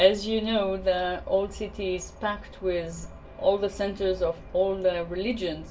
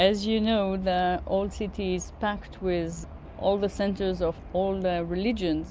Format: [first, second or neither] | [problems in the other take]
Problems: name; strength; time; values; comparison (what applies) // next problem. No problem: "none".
second | room echo; dies away in 0.2 s